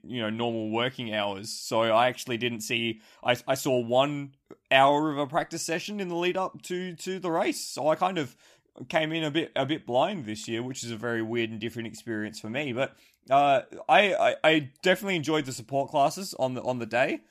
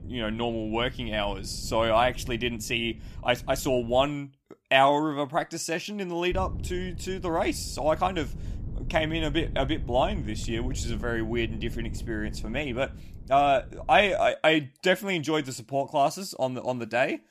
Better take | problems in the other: first | wind noise on the microphone; occasional gusts; until 4 s and from 6.5 to 14 s; 25 dB below the speech

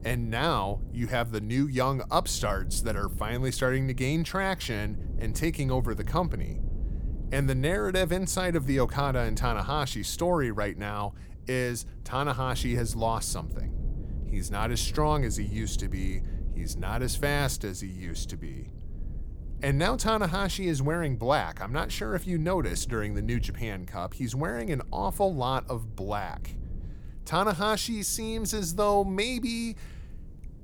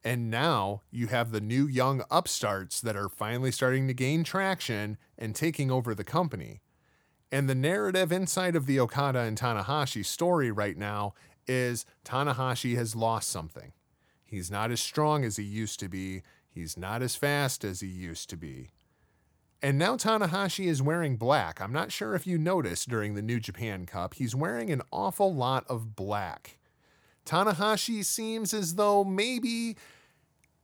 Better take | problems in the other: second | low rumble; faint; throughout; 20 dB below the speech

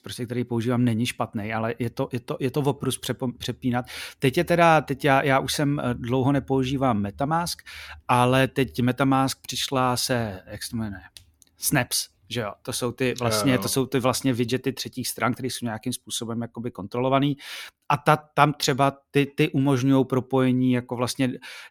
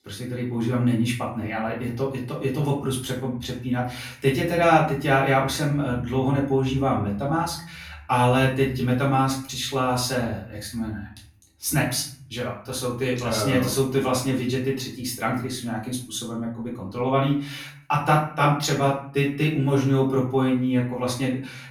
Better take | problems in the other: first | off-mic speech; far // room echo; slight; dies away in 0.4 s

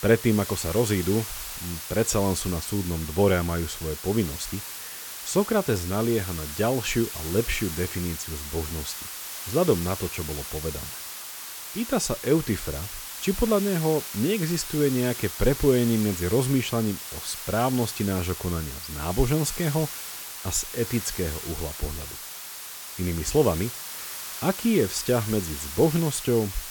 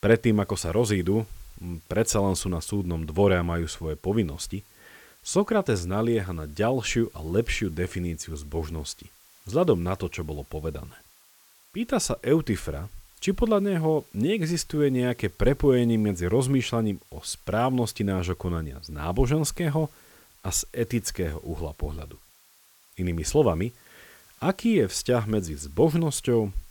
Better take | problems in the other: second | hiss; loud; throughout; 7 dB below the speech; faint in the second

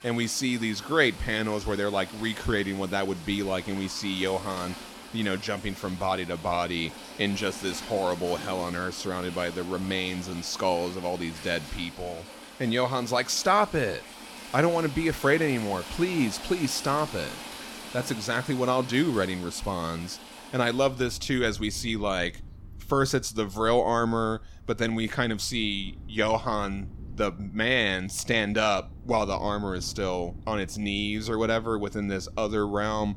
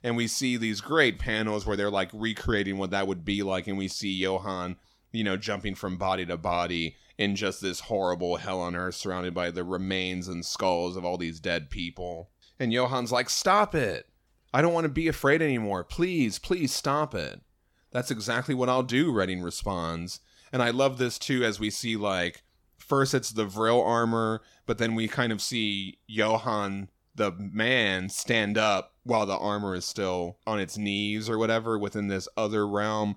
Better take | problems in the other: second | rain or running water; noticeable; throughout; 15 dB below the speech

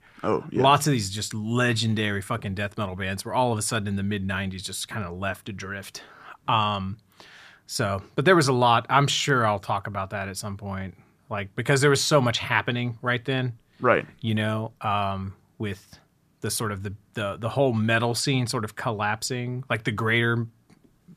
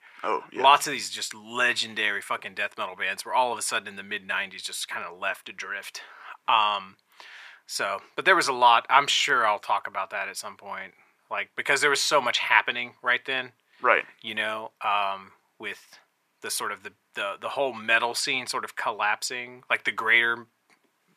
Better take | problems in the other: first | thin; very; fading below 500 Hz

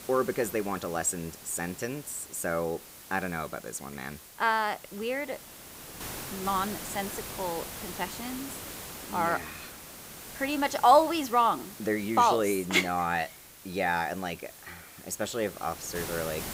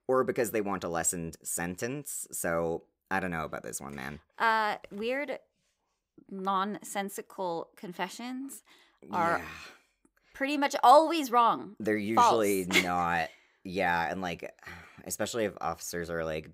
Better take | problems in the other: second | hiss; noticeable; throughout; 10 dB below the speech

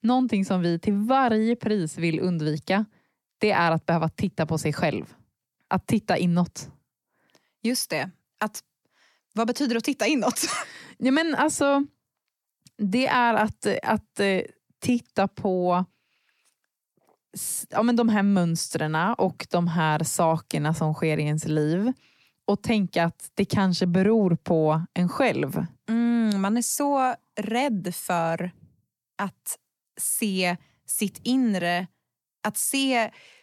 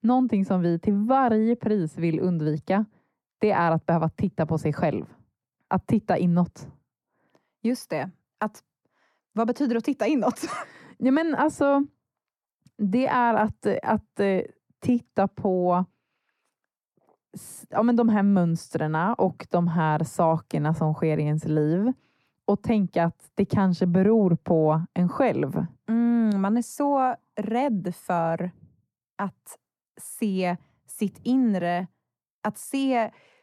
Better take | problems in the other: first | muffled; slightly; fading above 2 kHz

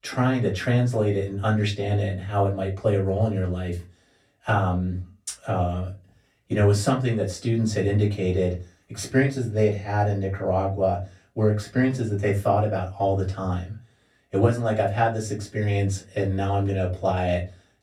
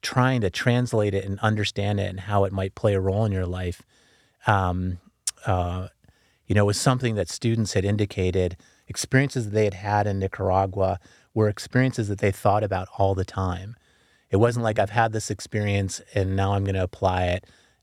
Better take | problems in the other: second | off-mic speech; far // room echo; very slight; dies away in 0.2 s

